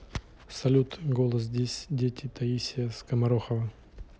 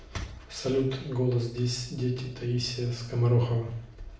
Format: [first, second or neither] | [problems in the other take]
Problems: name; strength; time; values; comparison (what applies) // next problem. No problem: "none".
first | room echo; dies away in 0.5 s